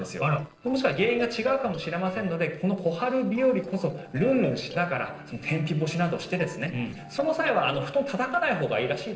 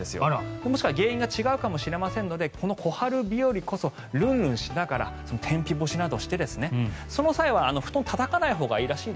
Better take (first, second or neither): second